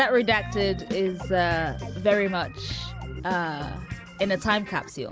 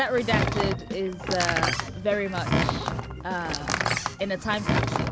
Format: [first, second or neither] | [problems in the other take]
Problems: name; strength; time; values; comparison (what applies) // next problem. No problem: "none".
first | background sound (Door); 1 dB above the speech